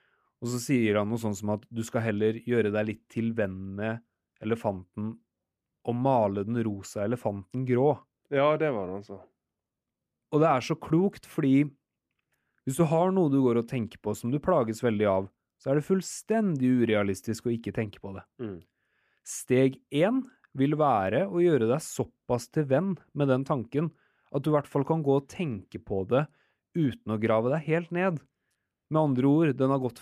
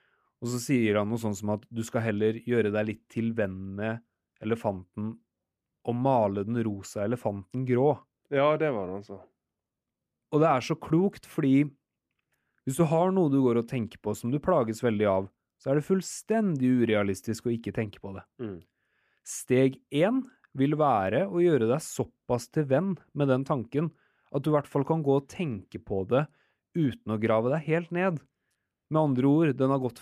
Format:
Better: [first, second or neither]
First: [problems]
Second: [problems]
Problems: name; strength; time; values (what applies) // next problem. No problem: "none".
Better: neither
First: none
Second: none